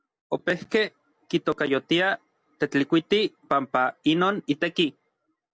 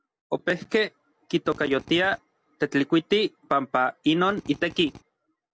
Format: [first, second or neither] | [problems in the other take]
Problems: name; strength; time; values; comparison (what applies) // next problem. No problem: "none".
first | background sound (Drill); 19 dB below the speech